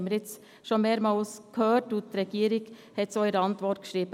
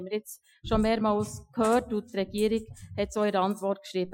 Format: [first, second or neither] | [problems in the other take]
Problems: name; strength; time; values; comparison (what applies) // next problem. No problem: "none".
first | noise reduction (classical method Wiener filter)